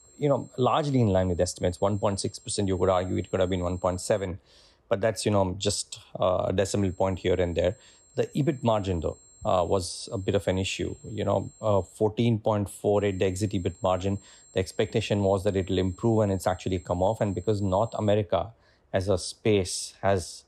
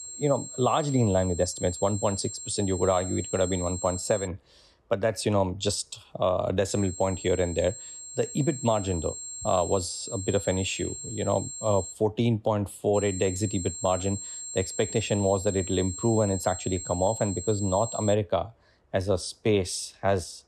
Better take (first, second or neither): first